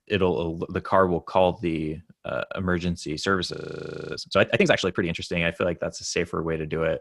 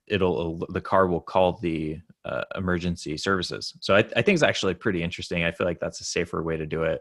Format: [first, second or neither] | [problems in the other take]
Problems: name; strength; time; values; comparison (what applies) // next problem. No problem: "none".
second | audio freezing; at 3.5 s for 0.5 s